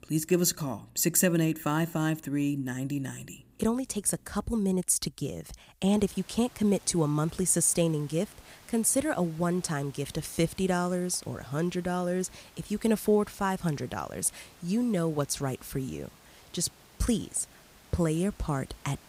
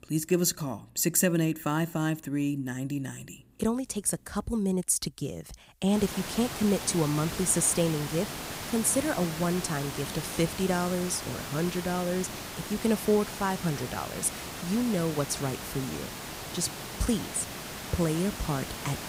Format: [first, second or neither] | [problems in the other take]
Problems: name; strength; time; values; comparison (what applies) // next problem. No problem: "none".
first | hiss; loud; from 6 s on; 8 dB below the speech; faint in the first